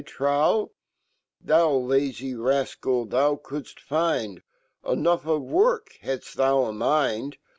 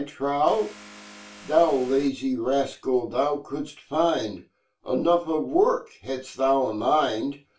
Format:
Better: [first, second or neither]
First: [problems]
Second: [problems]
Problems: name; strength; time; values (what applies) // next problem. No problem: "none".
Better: first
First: none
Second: background sound (Vehicle); 20 dB below the speech // room echo; dies away in 0.3 s